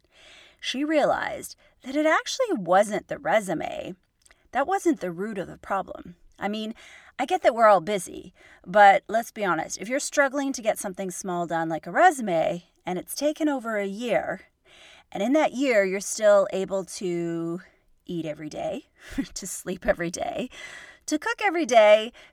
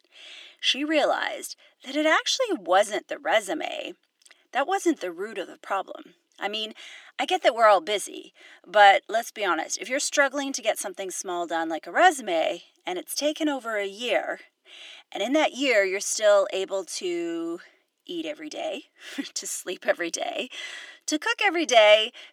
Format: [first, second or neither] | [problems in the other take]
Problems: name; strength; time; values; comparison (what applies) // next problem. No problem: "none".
first | thin; very slightly; fading below 300 Hz